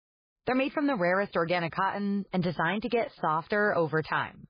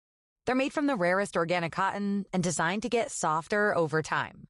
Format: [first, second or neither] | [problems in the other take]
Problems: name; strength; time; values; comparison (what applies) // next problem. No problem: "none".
second | garbled, watery; badly; nothing above 5 kHz; slightly in the second